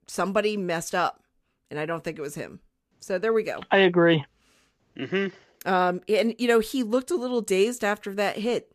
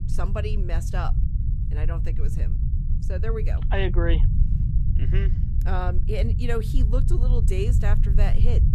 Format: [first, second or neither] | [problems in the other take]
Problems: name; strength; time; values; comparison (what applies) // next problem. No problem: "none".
first | low rumble; loud; throughout; 7 dB below the speech